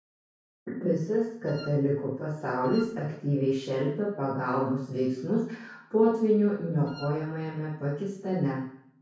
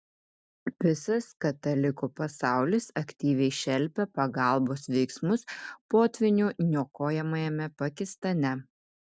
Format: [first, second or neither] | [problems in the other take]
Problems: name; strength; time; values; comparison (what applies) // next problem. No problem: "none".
second | background sound (Wind instrument, woodwind instrument); 20 dB below the speech // room echo; dies away in 0.6 s